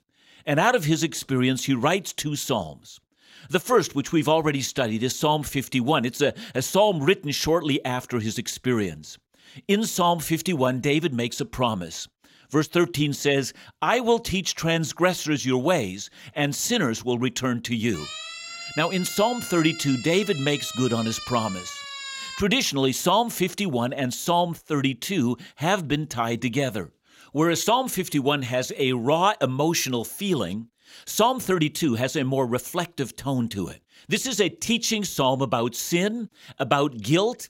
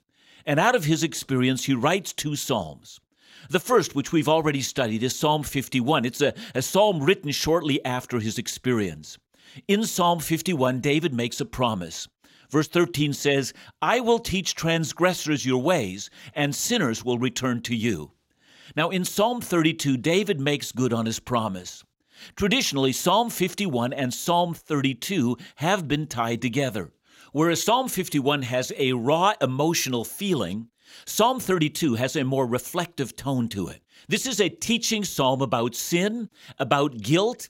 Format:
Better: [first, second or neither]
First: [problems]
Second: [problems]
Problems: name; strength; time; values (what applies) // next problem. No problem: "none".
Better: second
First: siren; noticeable; from 18 to 22 s; peak 8 dB below the speech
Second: none